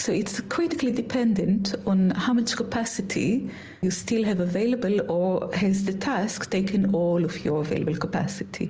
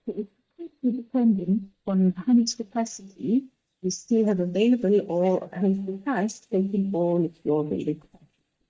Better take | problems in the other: first | noise reduction (neural mask model DeepFilterNet 3)

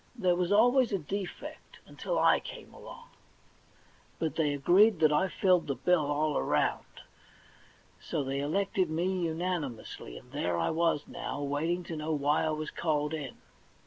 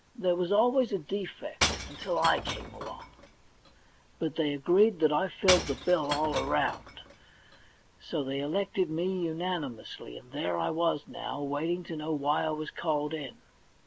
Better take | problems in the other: first | background sound (Shatter / Crushing); 7 dB below the speech

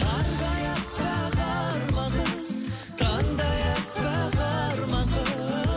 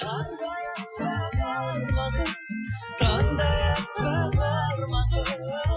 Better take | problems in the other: first | noise reduction (classical method Wiener filter)

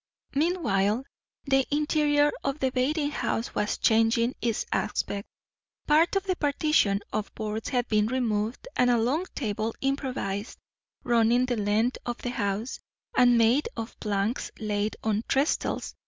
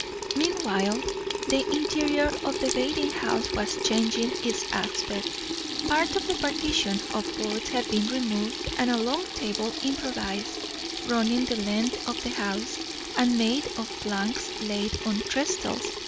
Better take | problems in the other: first | background sound (Sink (filling or washing) / Water tap, faucet); 3 dB below the speech

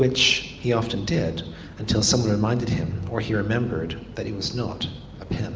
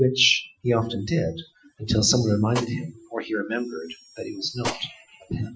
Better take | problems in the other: first | noise reduction (classical method Wiener filter)

